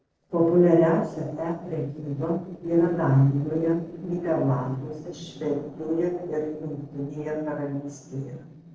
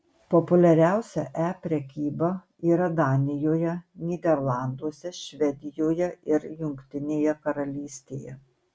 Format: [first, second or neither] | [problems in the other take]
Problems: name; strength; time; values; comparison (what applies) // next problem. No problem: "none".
second | noise reduction (neural separator model SepFormer DNS4)